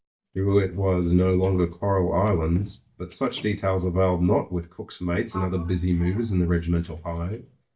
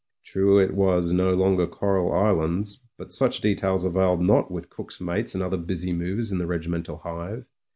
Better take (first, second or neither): second